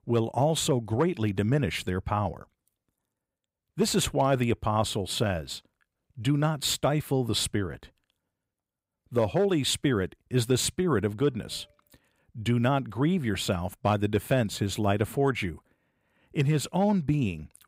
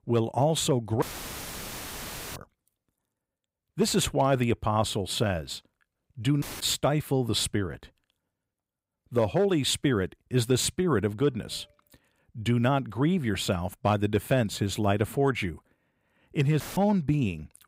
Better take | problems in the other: first | audio cutting out; filled with static; at 1 s for 1.5 s, at 6.5 s and at 17 s

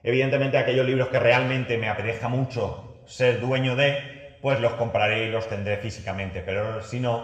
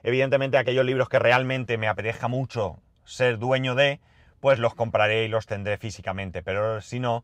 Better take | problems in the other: second | room echo; slight; dies away in 1 s // off-mic speech; somewhat distant

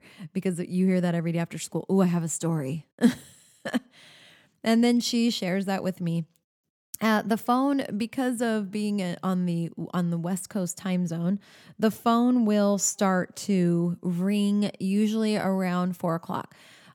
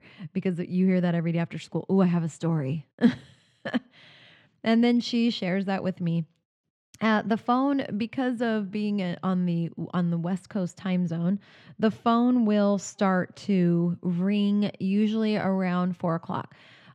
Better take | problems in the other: first | muffled; slightly; fading above 3 kHz

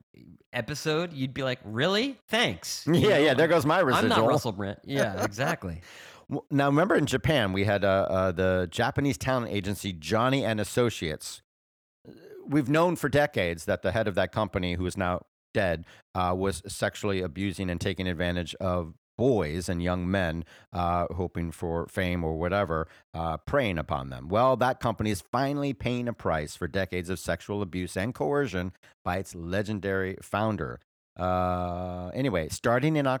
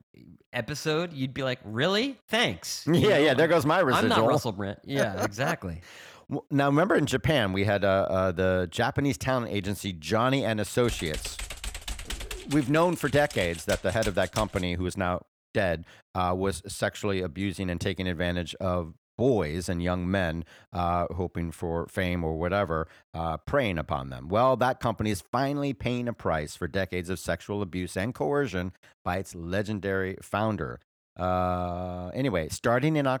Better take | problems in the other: first | keyboard typing; noticeable; from 11 to 15 s; peak 7 dB below the speech

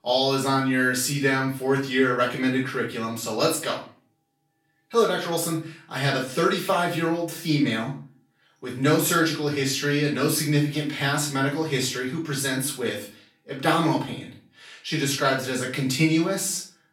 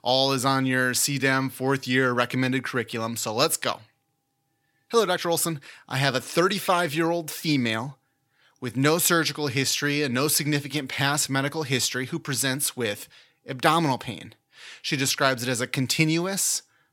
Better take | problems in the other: second | off-mic speech; far // room echo; slight; dies away in 0.3 s

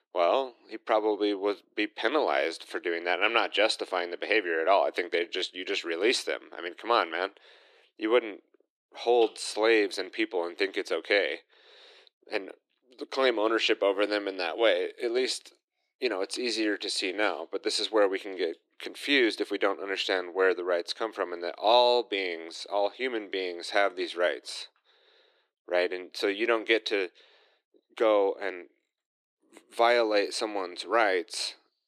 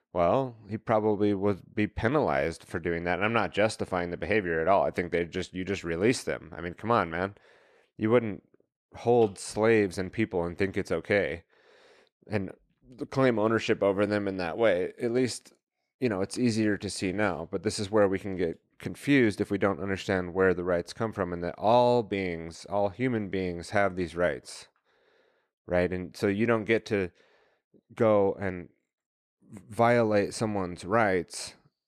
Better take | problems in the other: second | thin; somewhat; fading below 300 Hz

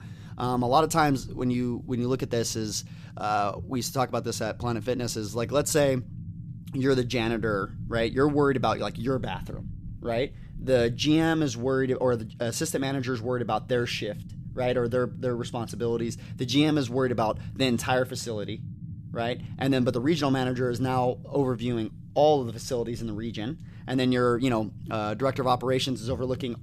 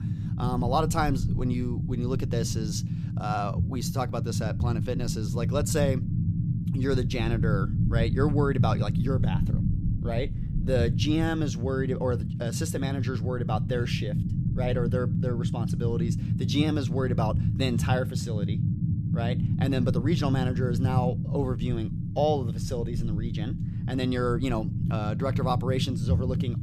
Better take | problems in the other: first | low rumble; loud; throughout; 7 dB below the speech; faint in the first

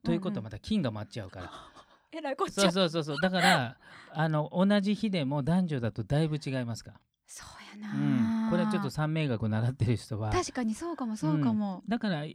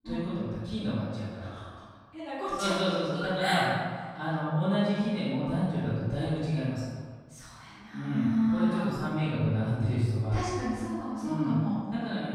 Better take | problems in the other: first | off-mic speech; far // room echo; strong; dies away in 1.4 s

